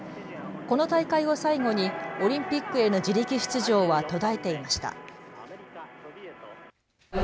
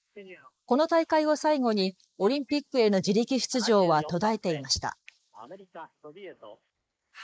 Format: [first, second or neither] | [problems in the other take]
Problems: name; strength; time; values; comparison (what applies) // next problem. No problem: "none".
first | noise reduction (neural mask model Resemble Enhance denoiser)